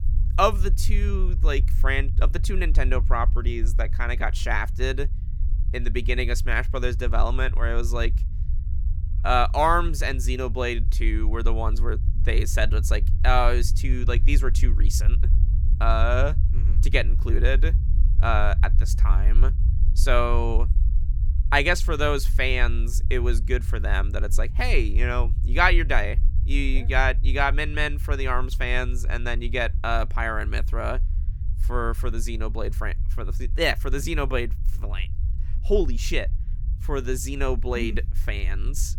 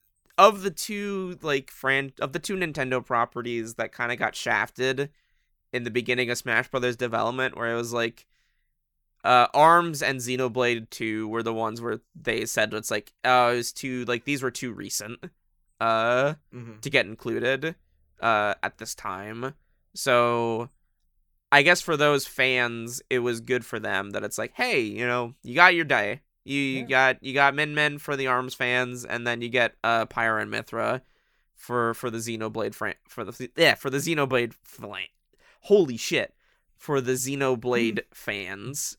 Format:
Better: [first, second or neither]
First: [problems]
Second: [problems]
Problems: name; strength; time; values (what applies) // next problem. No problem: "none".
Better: second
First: low rumble; noticeable; throughout; 20 dB below the speech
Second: none